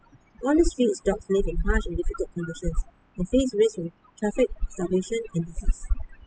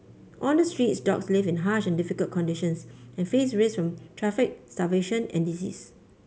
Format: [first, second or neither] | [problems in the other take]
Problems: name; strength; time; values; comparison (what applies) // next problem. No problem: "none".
second | noise reduction (classical method spectral subtraction)